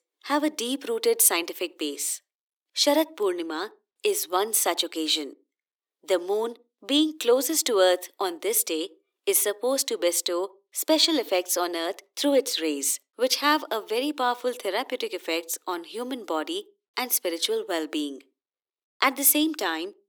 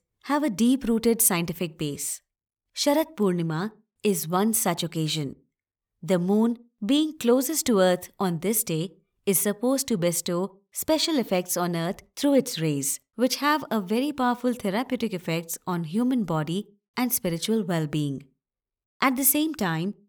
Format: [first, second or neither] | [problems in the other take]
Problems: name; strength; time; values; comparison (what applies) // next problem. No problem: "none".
second | thin; somewhat; fading below 300 Hz